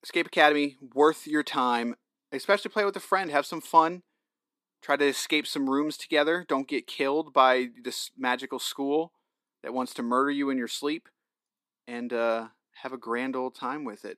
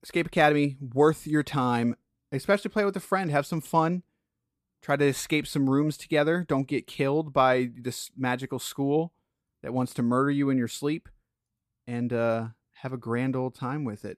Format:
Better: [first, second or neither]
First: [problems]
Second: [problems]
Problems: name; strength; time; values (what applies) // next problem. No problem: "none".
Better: second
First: thin; very slightly; fading below 250 Hz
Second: none